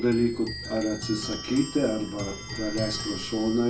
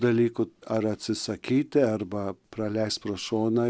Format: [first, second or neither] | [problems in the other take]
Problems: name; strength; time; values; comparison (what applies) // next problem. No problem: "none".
second | background sound (Clock); 9 dB below the speech // room echo; dies away in 0.2 s